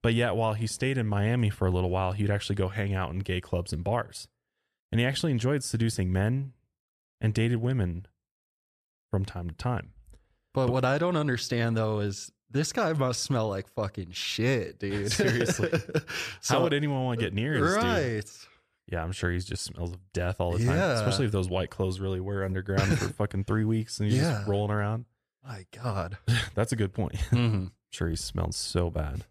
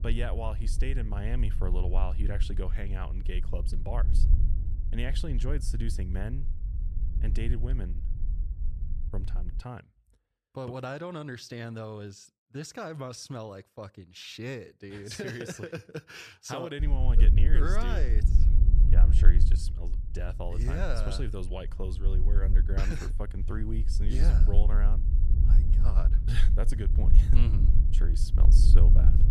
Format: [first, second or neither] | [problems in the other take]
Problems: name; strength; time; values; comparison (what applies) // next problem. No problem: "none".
first | low rumble; loud; until 9.5 s and from 17 s on; 8 dB below the speech